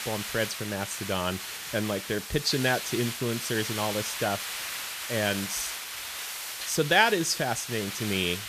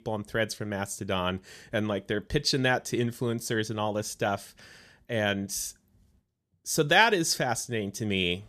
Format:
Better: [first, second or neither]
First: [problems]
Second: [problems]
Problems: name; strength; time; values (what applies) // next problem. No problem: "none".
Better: second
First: hiss; loud; throughout; 5 dB below the speech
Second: none